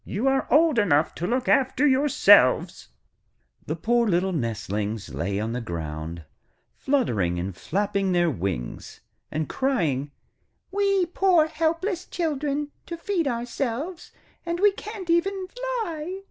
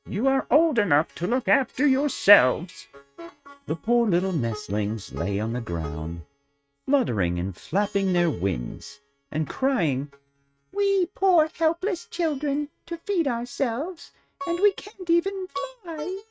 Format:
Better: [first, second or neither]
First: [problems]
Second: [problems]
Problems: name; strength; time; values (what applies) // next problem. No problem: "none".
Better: first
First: none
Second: noise reduction (neural mask model RNNoise)